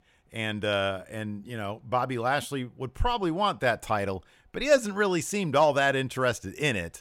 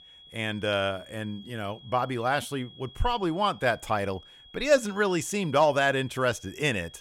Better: first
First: none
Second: high-pitched whine; faint; throughout; 3.5 kHz, 20 dB below the speech

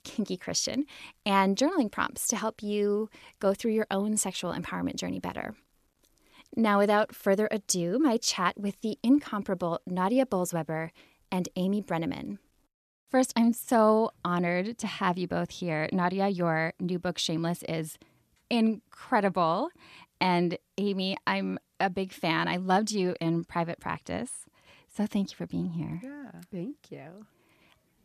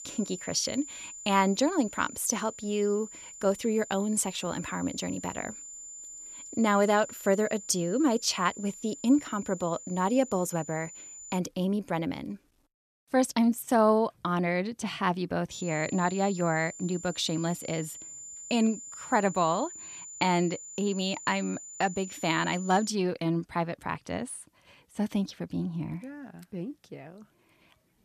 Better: first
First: none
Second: high-pitched whine; noticeable; until 11 s and from 16 to 23 s; 7 kHz, 15 dB below the speech

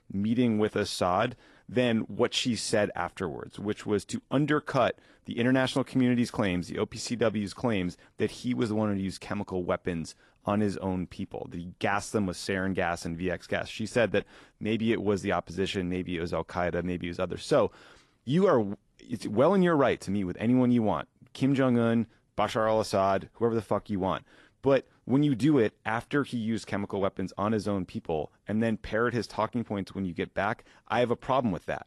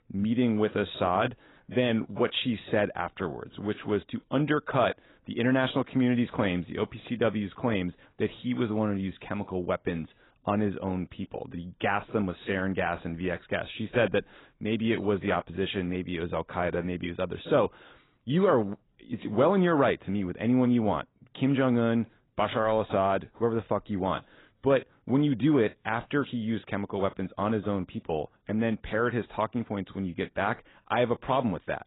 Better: first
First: garbled, watery; slightly; nothing above 11 kHz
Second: garbled, watery; badly; nothing above 4 kHz

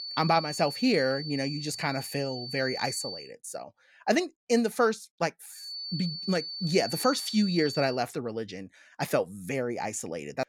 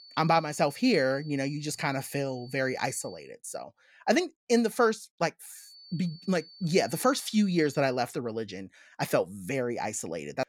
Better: second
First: high-pitched whine; loud; until 3 s and from 5.5 to 8 s; 4.5 kHz, 7 dB below the speech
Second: high-pitched whine; faint; until 3 s and from 5.5 to 8 s; 4.5 kHz, 20 dB below the speech

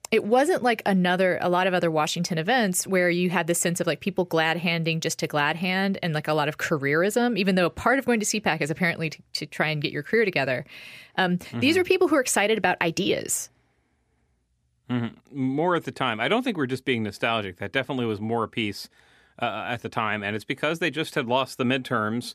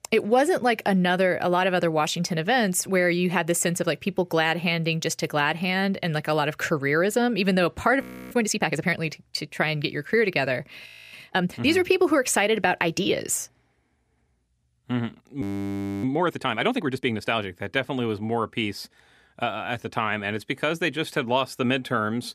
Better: first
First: none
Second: audio freezing; at 8 s, at 11 s and at 15 s for 0.5 s

